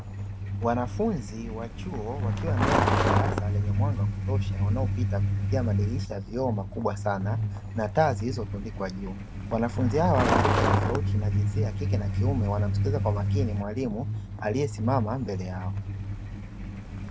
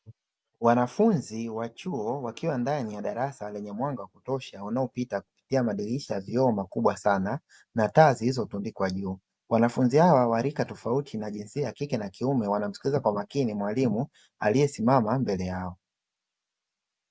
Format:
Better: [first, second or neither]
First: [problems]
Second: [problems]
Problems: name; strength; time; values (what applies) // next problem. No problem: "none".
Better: second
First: background sound (Truck); 4 dB above the speech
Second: none